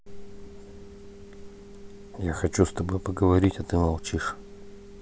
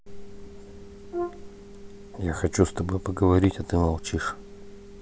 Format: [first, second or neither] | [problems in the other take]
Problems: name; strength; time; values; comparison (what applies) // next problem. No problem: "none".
first | background sound (Brass instrument); 10 dB below the speech